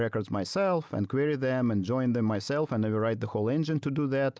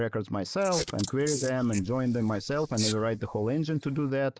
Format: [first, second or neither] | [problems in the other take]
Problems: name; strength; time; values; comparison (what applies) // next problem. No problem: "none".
first | noise reduction (neural mask model Resemble Enhance denoiser)